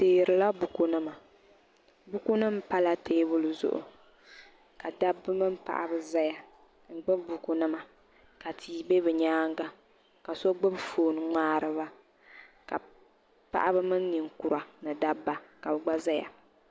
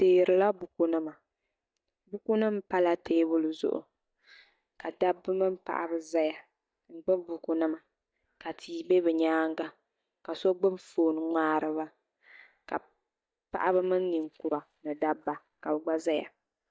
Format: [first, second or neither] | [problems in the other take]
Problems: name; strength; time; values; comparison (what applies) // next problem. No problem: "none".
first | noise reduction (neural mask model DeepFilterNet 3)